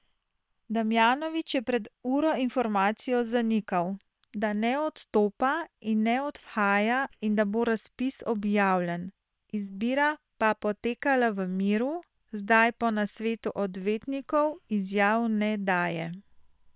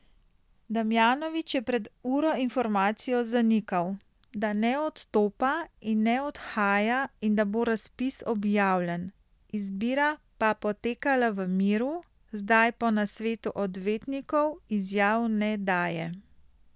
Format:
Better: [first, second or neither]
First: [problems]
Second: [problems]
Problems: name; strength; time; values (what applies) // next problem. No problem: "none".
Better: second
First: noise reduction (neural separator model SepFormer WHAM!)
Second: none